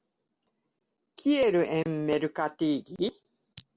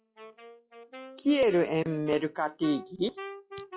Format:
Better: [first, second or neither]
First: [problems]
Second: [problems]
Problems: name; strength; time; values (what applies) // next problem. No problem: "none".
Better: first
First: none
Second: noise reduction (classical method log-MMSE)